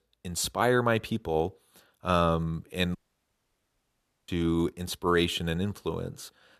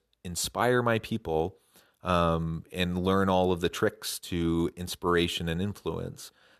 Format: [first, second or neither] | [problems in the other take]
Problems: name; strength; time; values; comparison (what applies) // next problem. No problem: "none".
second | audio cutting out; at 3 s for 1.5 s